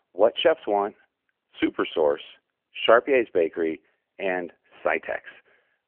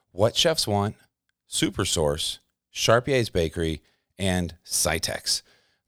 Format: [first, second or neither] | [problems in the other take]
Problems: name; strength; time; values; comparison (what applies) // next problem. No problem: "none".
second | phone-call audio; nothing above 3 kHz